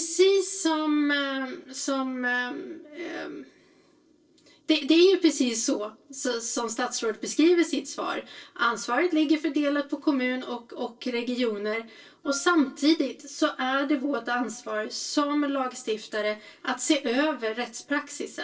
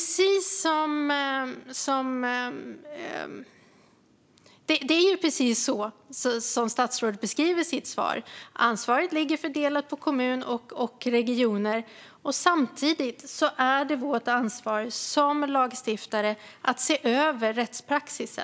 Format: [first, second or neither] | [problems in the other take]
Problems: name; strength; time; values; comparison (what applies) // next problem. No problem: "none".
second | noise reduction (neural separator model SepFormer DNS4)